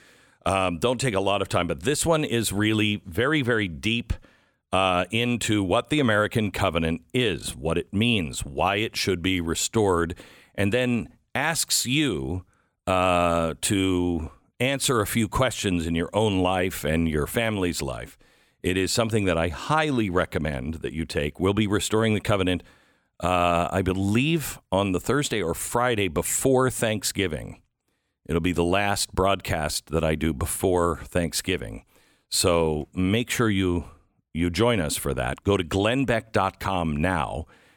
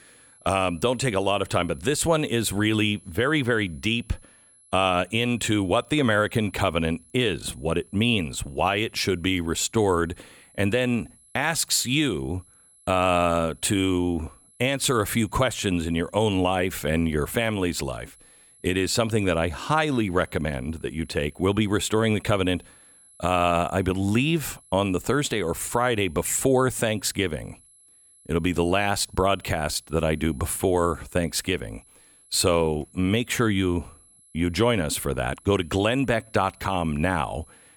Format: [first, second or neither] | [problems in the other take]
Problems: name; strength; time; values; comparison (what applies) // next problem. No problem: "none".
first | high-pitched whine; faint; throughout; 11 kHz, 30 dB below the speech